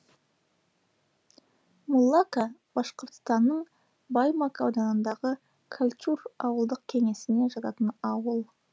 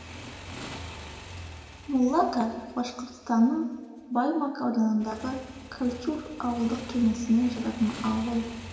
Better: first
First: none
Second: background sound (Motorcycle / Engine); 15 dB below the speech // room echo; dies away in 2 s

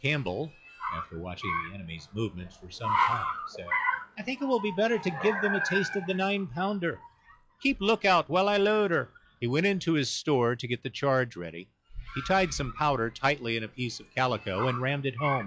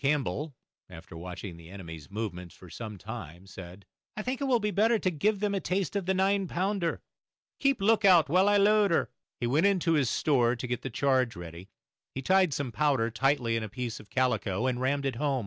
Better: second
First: noise reduction (classical method log-MMSE)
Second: none

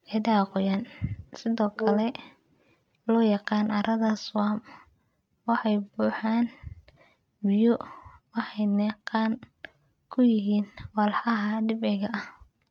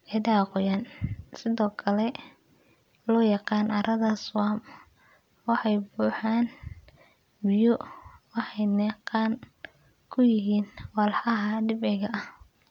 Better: second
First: noise reduction (neural mask model RNNoise)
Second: none

